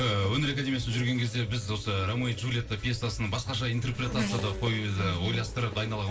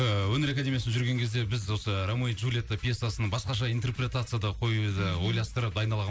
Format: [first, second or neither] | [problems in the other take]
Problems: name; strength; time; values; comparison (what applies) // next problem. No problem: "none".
second | background sound (Race car, auto racing / Accelerating, revving, vroom); 13 dB below the speech // room echo; dies away in 0.2 s